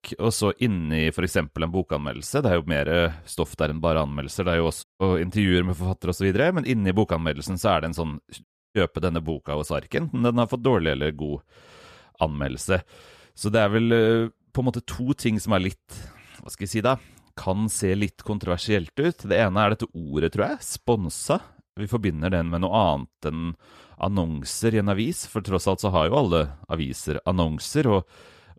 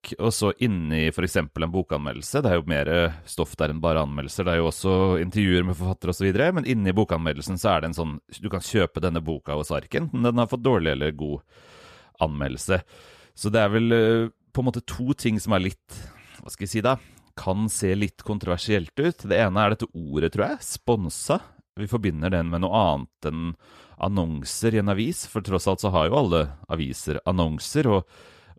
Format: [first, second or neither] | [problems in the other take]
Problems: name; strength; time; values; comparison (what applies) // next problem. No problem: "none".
second | audio cutting out; at 5 s and at 8.5 s